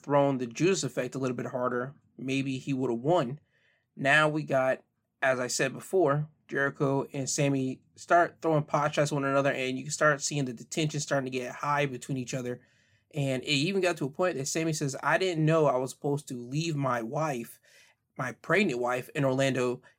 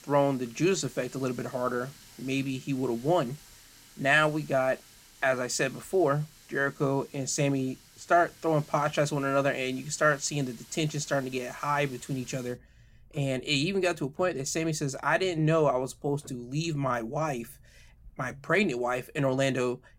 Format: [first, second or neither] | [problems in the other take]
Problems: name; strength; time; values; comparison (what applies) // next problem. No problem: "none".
first | household noises; faint; throughout; 25 dB below the speech